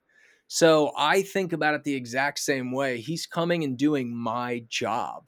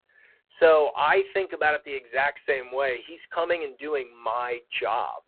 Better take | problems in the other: first | phone-call audio; poor line; nothing above 3.5 kHz

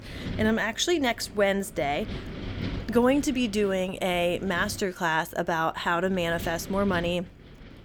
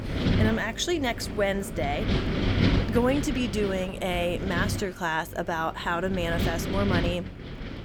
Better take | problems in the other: first | wind noise on the microphone; heavy; 6 dB below the speech; occasional gusts in the first

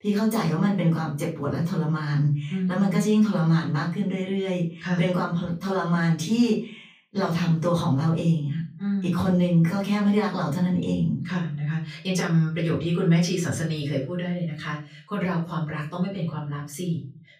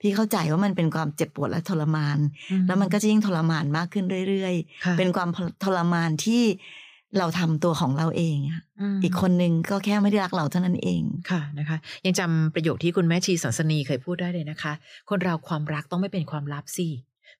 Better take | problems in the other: second | off-mic speech; far // room echo; slight; dies away in 0.3 s

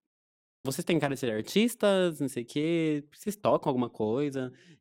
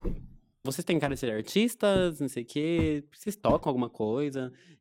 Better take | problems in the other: first | footsteps; noticeable; until 3.5 s; peak 7 dB below the speech

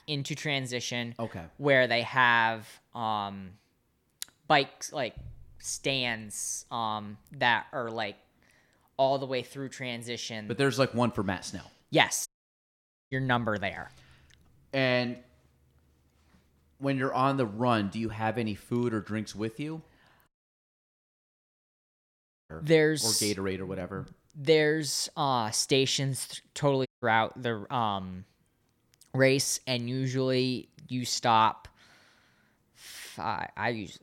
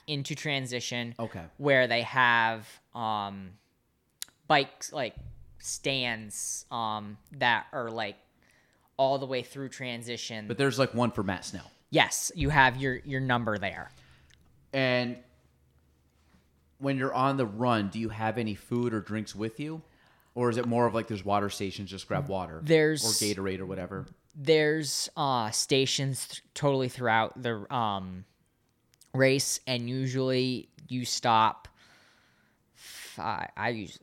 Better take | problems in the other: second | audio cutting out; at 12 s for 1 s, at 20 s for 2 s and at 27 s

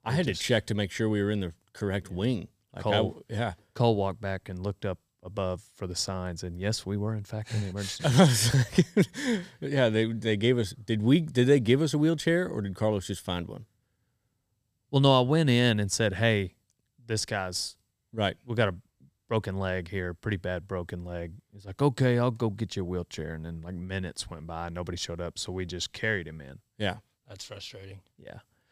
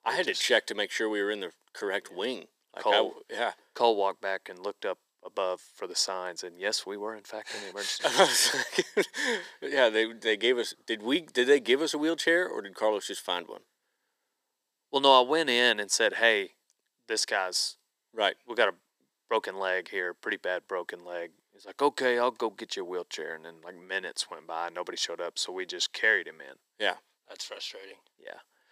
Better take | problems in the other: first | thin; very; fading below 350 Hz

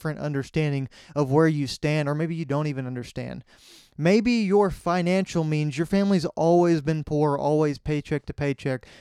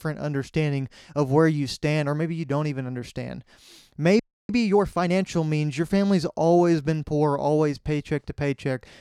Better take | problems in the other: first | audio freezing; at 4 s

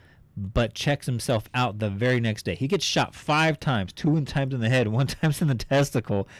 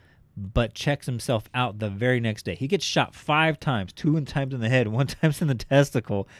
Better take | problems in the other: second | distortion; slight; 10 dB below the speech

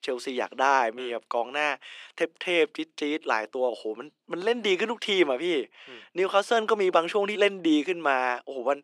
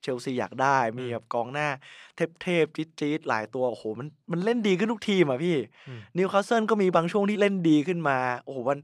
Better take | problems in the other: second | thin; somewhat; fading below 300 Hz

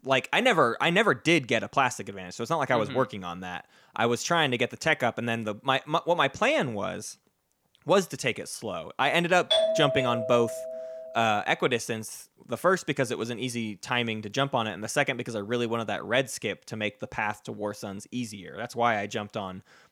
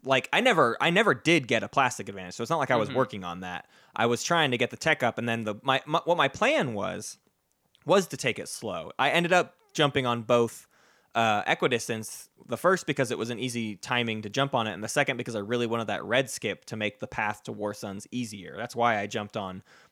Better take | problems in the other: second | doorbell; loud; from 9.5 to 11 s; peak 3 dB above the speech

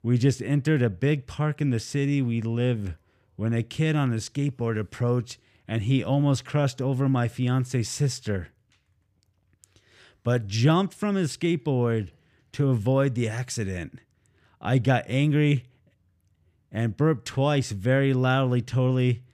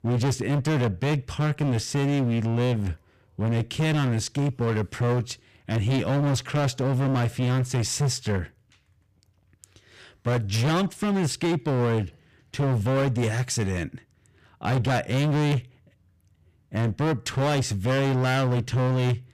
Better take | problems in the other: first | distortion; heavy; 23% of the sound clipped

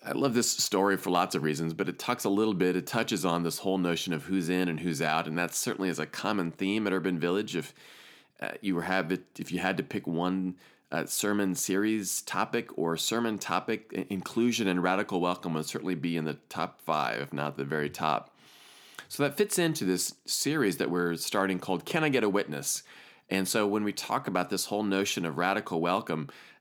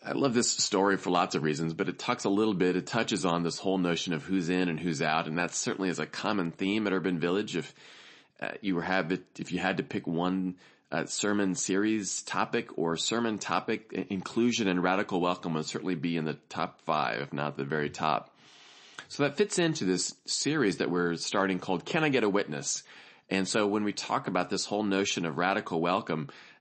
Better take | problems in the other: first | garbled, watery; slightly; nothing above 8 kHz

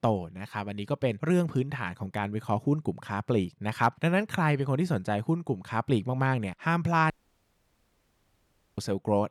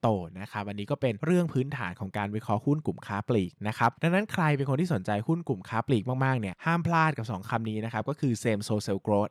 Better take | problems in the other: second | audio cutting out; at 7 s for 1.5 s

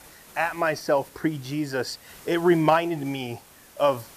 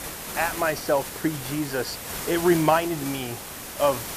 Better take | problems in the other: first | hiss; loud; throughout; 7 dB below the speech; faint in the first

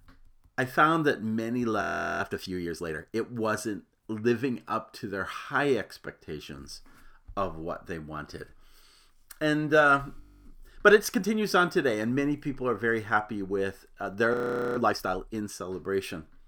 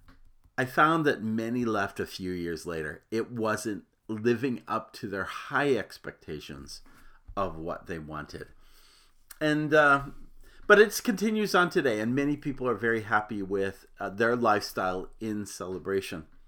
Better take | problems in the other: second | audio freezing; at 2 s, at 10 s and at 14 s

